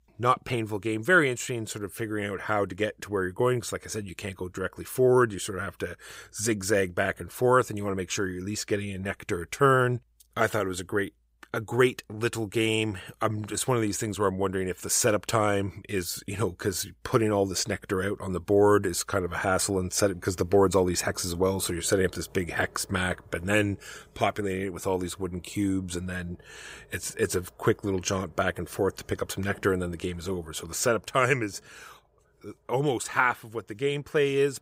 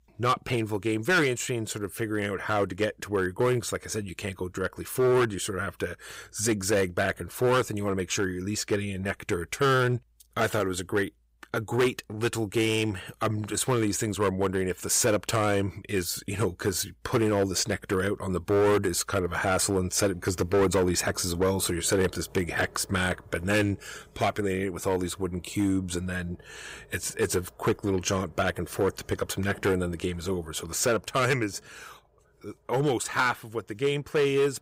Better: first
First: none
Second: distortion; slight; 5% of the sound clipped

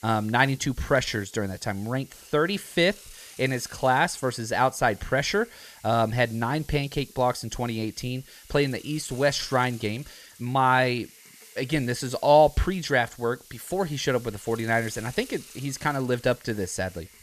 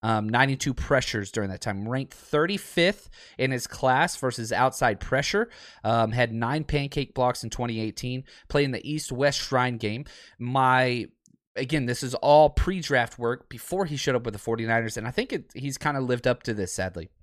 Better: second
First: hiss; faint; throughout; 20 dB below the speech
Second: none

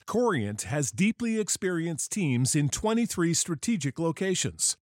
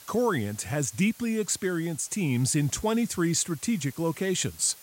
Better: first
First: none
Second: hiss; faint; throughout; 20 dB below the speech

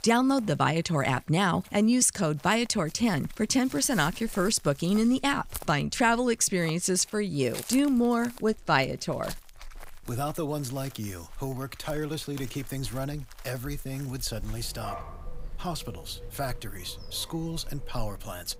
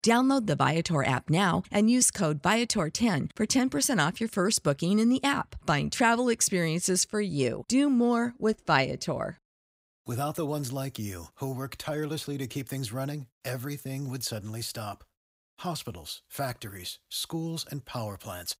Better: second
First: animal sounds; noticeable; throughout; 20 dB below the speech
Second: none

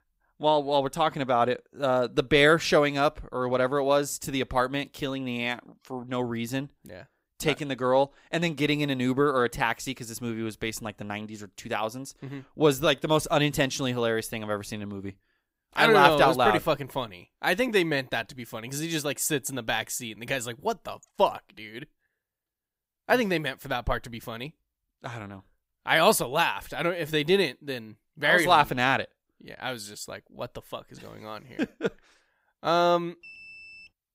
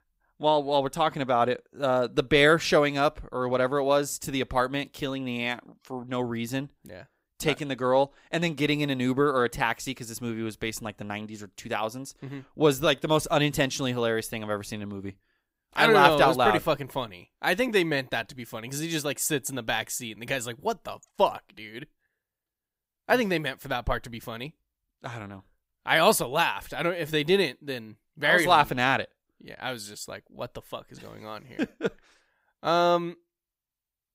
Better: second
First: alarm; faint; at 33 s; peak 20 dB below the speech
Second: none

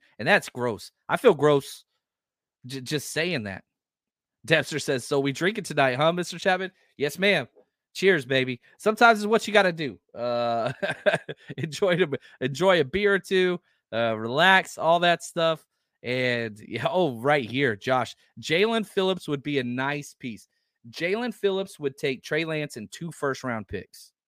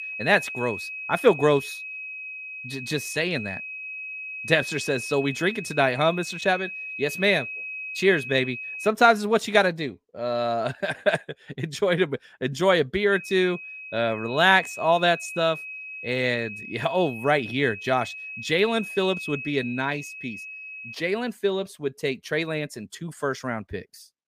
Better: first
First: none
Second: high-pitched whine; loud; until 9 s and from 13 to 21 s; 2.5 kHz, 10 dB below the speech

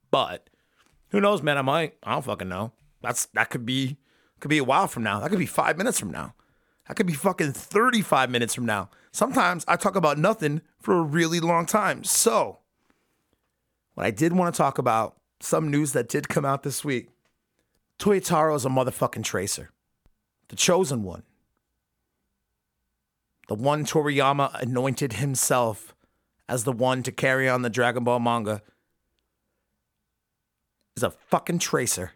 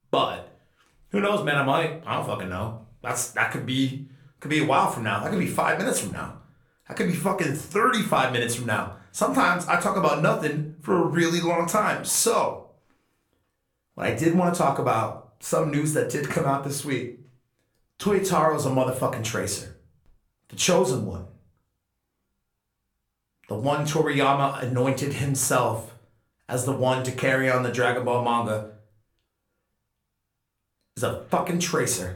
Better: first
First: none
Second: room echo; slight; dies away in 0.3 s // off-mic speech; somewhat distant

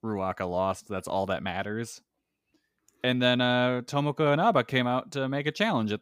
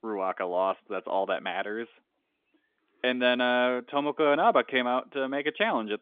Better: first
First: none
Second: phone-call audio; nothing above 3.5 kHz

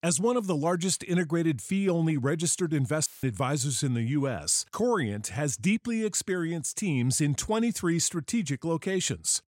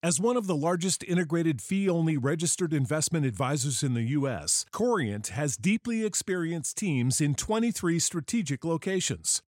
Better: second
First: audio cutting out; filled with static; at 3 s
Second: none

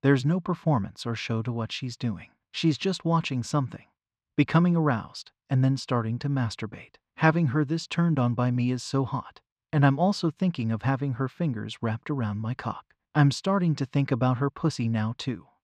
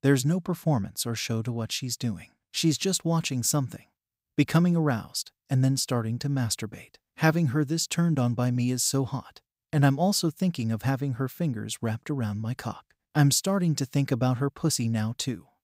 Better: second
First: muffled; slightly; fading above 3 kHz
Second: none

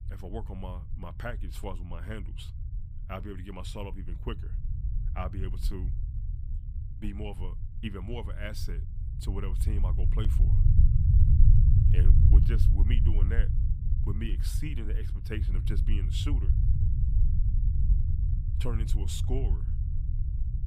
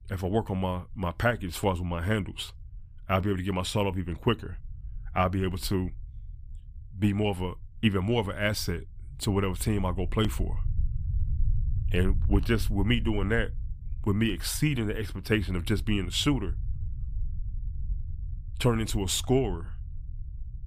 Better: second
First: low rumble; loud; throughout; 2 dB below the speech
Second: low rumble; faint; throughout; 25 dB below the speech

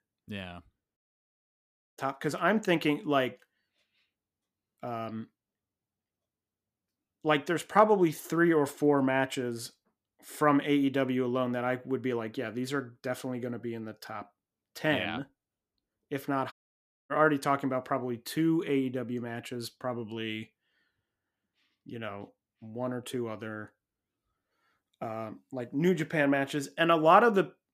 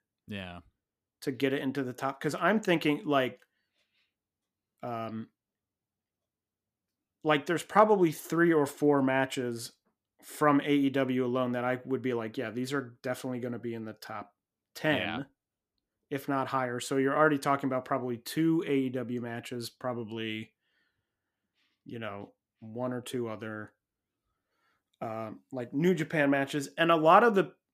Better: second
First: audio cutting out; at 1 s for 1 s and at 17 s for 0.5 s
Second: none

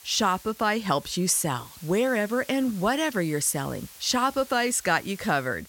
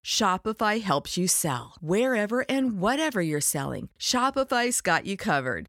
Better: second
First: hiss; noticeable; throughout; 20 dB below the speech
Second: none

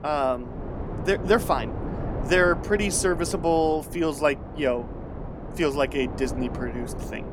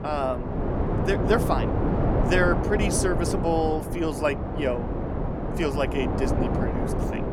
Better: first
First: wind noise on the microphone; occasional gusts; 15 dB below the speech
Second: wind noise on the microphone; heavy; 3 dB below the speech

